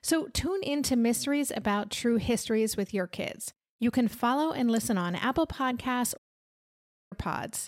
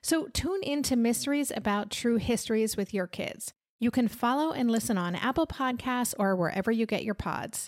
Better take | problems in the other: second | audio cutting out; at 6 s for 1 s

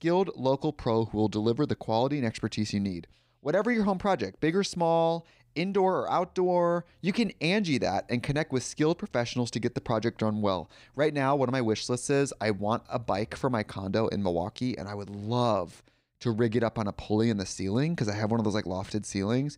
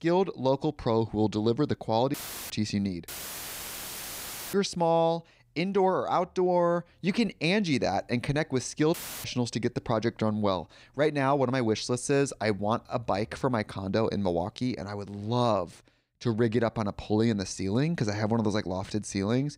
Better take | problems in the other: first | audio cutting out; filled with static; at 2 s, at 3 s for 1.5 s and at 9 s

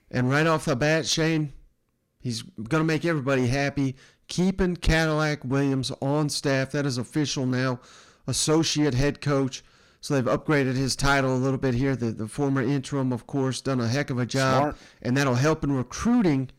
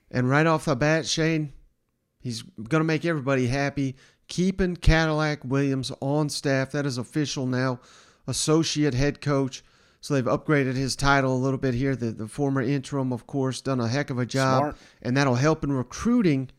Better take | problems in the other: second | distortion; slight; 6% of the sound clipped

